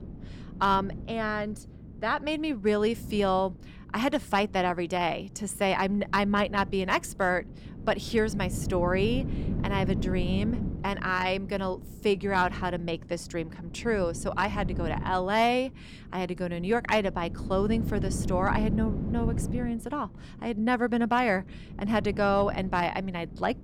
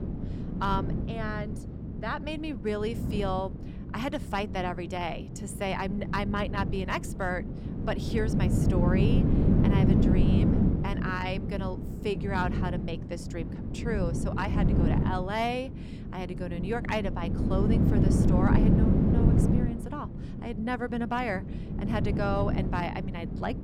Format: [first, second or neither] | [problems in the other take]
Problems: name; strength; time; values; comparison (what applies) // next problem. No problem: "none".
first | wind noise on the microphone; heavy; 3 dB below the speech; occasional gusts in the first